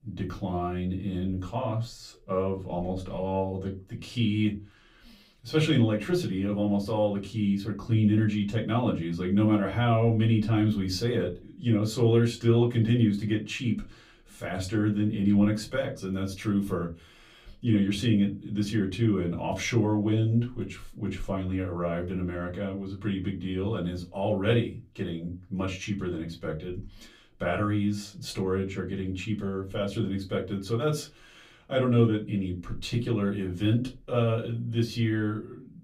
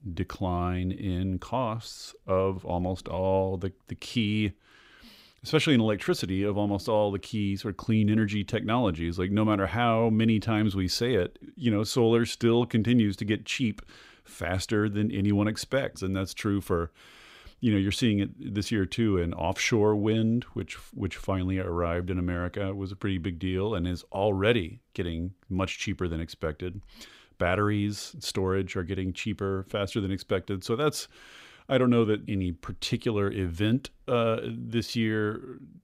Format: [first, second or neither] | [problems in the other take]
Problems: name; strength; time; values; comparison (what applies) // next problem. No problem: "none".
second | off-mic speech; far // room echo; very slight; dies away in 0.2 s